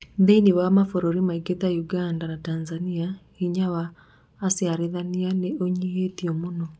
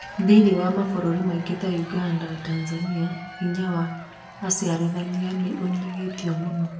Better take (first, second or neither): first